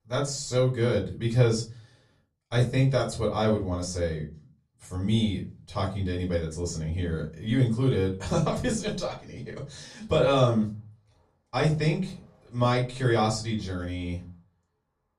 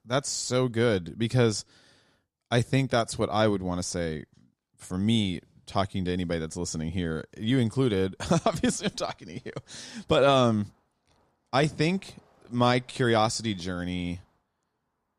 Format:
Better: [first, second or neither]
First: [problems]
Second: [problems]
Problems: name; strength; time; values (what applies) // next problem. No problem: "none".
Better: second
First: off-mic speech; far // room echo; very slight; dies away in 0.3 s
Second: none